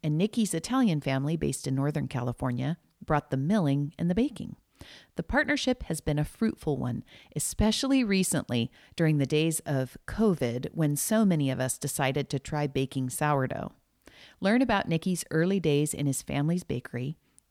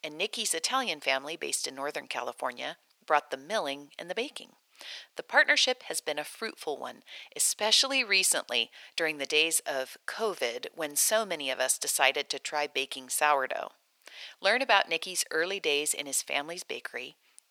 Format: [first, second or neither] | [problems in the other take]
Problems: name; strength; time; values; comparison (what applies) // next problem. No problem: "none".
first | thin; very; fading below 550 Hz